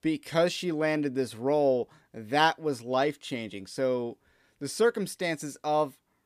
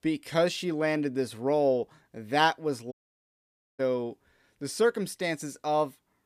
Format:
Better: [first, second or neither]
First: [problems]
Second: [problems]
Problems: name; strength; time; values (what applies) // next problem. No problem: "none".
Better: first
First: none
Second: audio cutting out; at 3 s for 1 s